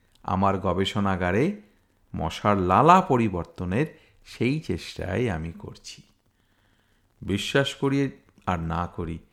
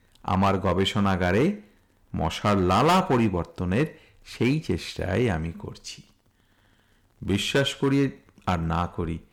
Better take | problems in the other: first | distortion; heavy; 5% of the sound clipped

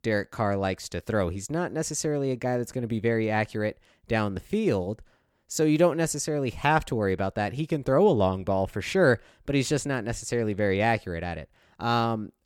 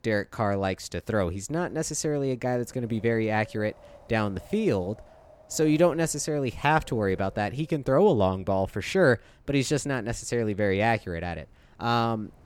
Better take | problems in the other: first | wind noise on the microphone; occasional gusts; 25 dB below the speech

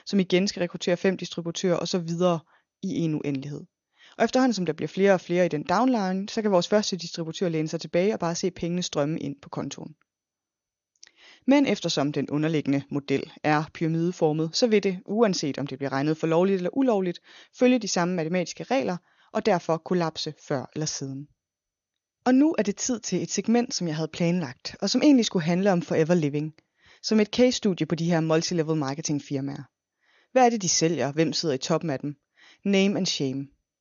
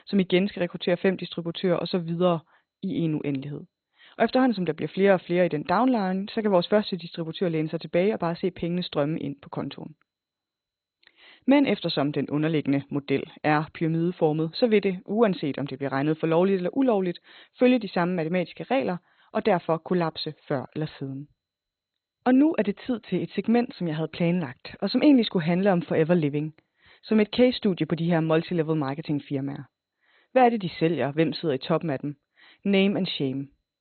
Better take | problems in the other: first | garbled, watery; badly; nothing above 4 kHz; slightly in the first

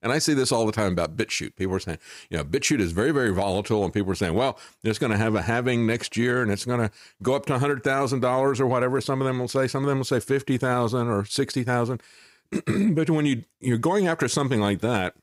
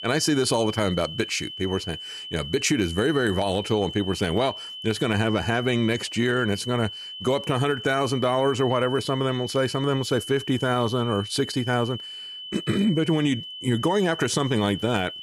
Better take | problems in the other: first | high-pitched whine; noticeable; throughout; 3 kHz, 10 dB below the speech

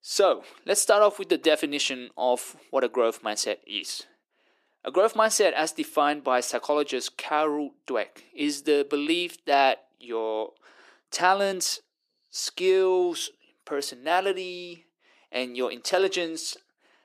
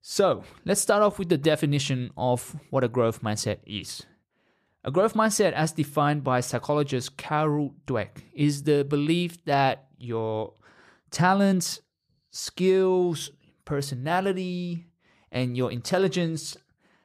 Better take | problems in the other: second | thin; somewhat; fading below 300 Hz

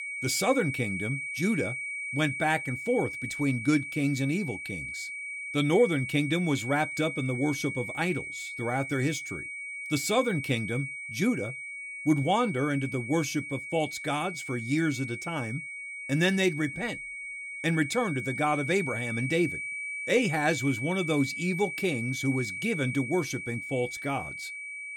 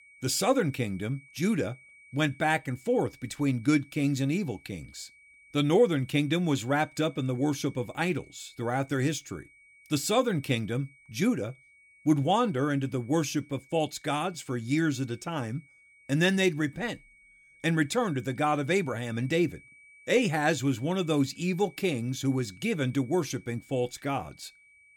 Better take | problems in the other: second | high-pitched whine; loud; throughout; 2.5 kHz, 6 dB below the speech; faint in the second

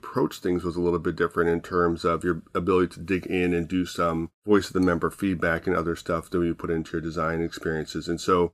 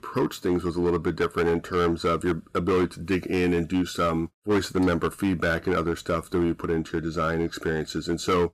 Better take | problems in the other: first | distortion; slight; 8% of the sound clipped

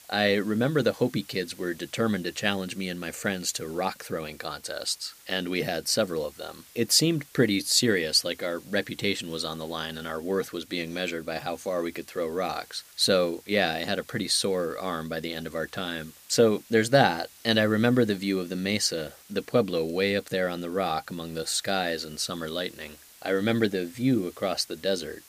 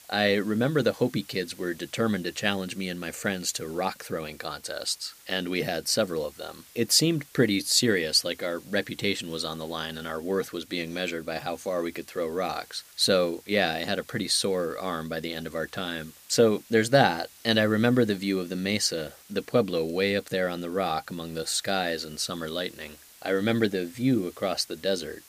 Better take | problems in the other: neither | hiss; faint; throughout; 25 dB below the speech; the same in both

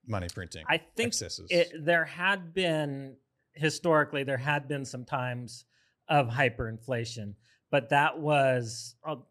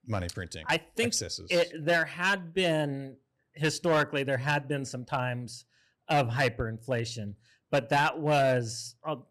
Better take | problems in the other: first | distortion; slight; 4% of the sound clipped

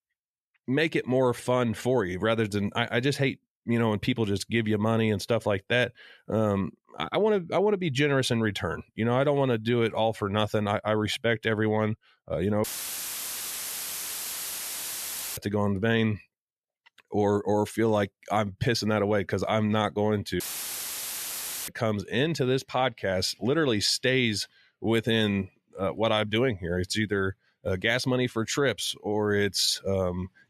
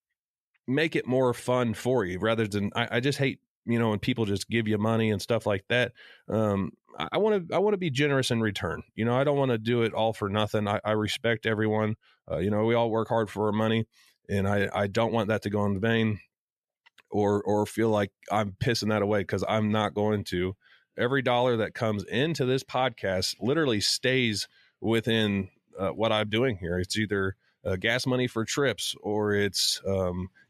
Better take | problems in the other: second | audio cutting out; filled with static; at 13 s for 2.5 s and at 20 s for 1.5 s

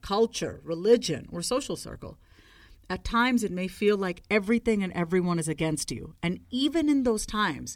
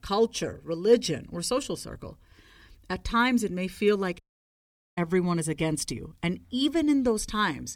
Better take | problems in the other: first | audio cutting out; at 4 s for 1 s

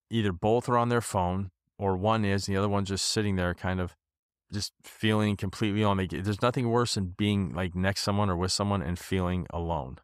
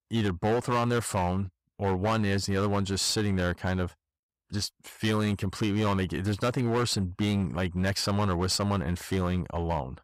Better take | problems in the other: first | distortion; slight; 11% of the sound clipped

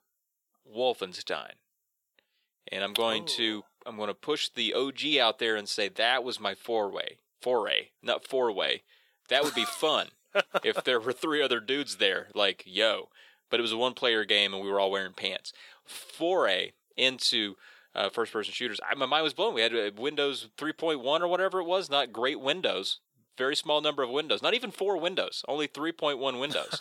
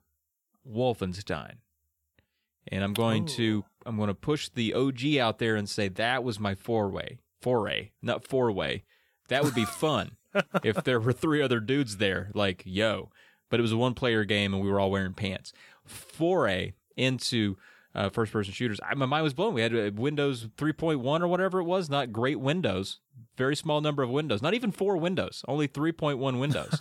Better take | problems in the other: second | thin; somewhat; fading below 450 Hz

